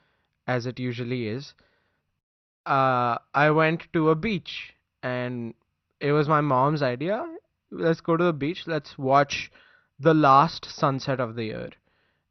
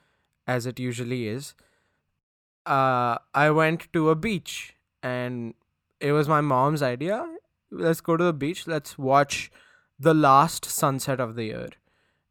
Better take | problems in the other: second | garbled, watery; slightly; nothing above 6 kHz

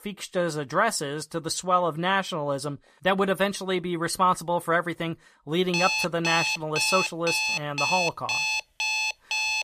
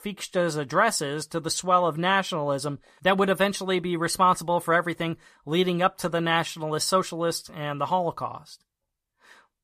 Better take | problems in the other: second | alarm; loud; from 5.5 s on; peak 2 dB above the speech

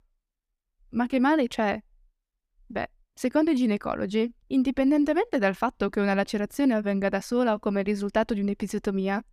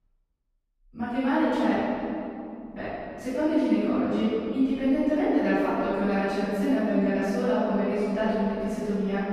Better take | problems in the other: first | off-mic speech; far // room echo; strong; dies away in 2.5 s

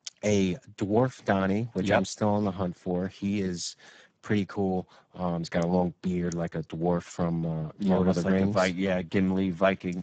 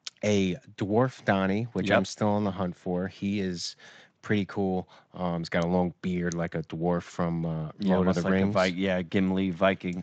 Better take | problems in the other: second | garbled, watery; badly; nothing above 7.5 kHz; slightly in the second

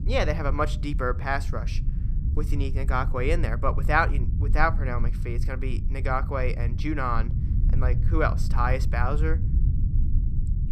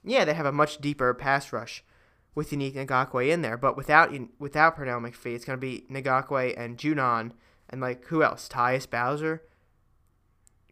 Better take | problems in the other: second | low rumble; noticeable; throughout; 15 dB below the speech

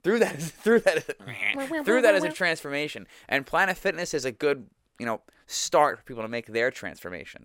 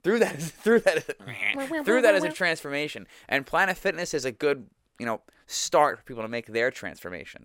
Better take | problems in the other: neither | none

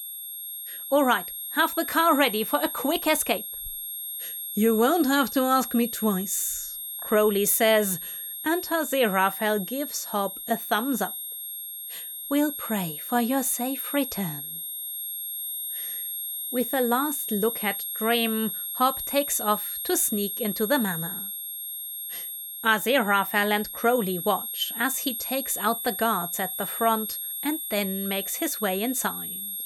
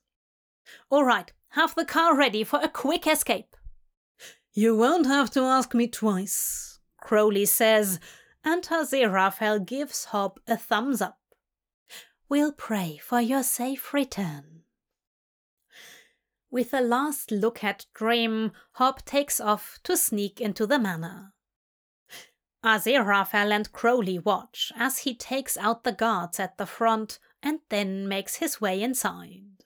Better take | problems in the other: second | high-pitched whine; loud; throughout; 11.5 kHz, 6 dB below the speech

